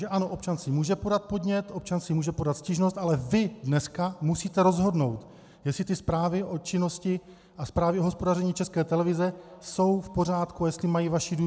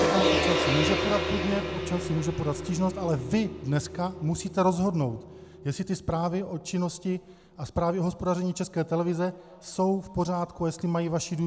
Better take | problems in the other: first | background sound (Gong); 4 dB below the speech

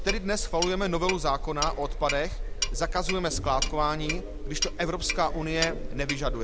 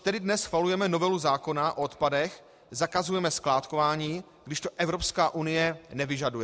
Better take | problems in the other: second | background sound (Clock); 2 dB below the speech

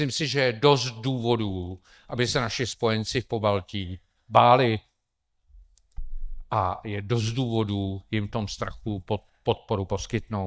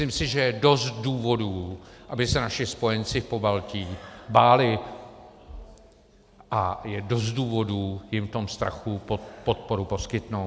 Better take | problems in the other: second | noise reduction (neural mask model DeepFilterNet 3)

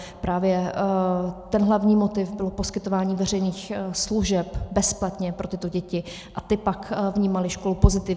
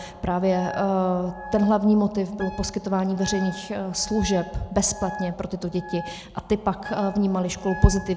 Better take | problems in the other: first | background sound (Wind instrument, woodwind instrument); 15 dB below the speech

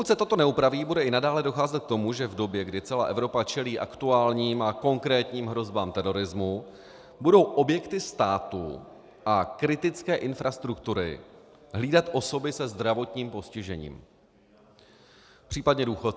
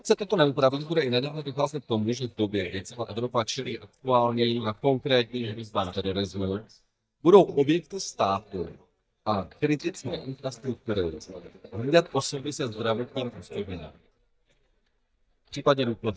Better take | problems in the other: first | noise reduction (neural mask model DeepFilterNet 3)

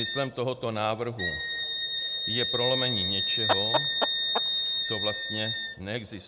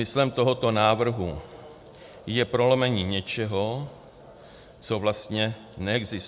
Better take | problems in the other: second | background sound (Chicken, rooster + Wind instrument, woodwind instrument); 5 dB above the speech

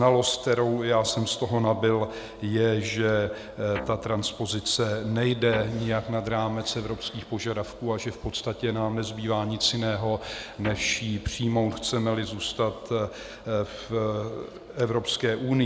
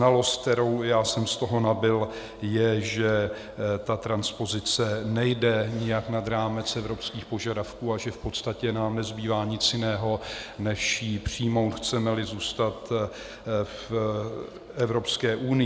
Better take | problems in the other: second | background sound (Guitar); 15 dB below the speech

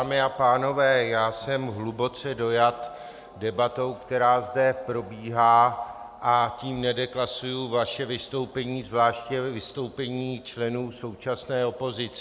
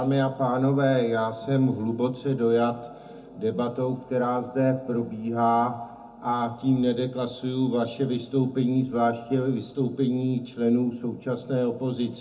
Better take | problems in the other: first | room echo; dies away in 0.3 s

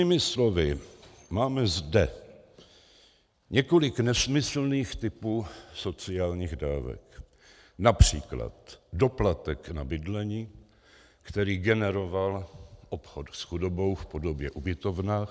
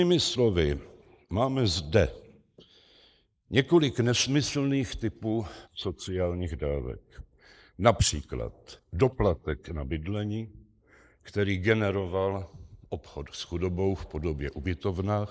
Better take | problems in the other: first | noise reduction (neural mask model Resemble Enhance denoiser)

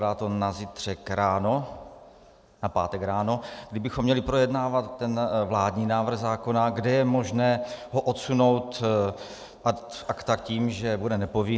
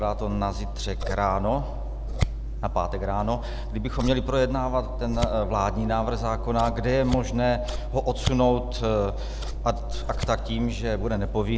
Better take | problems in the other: first | background sound (Scissors); 3 dB below the speech

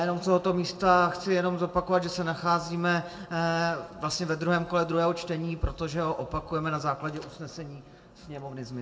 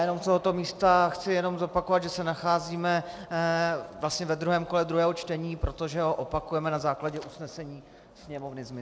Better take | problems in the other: second | room echo; dies away in 1 s

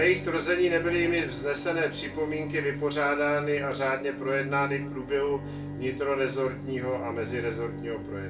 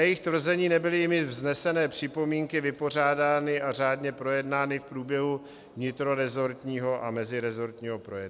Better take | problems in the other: second | background sound (Bowed string instrument); 8 dB below the speech // room echo; dies away in 0.3 s

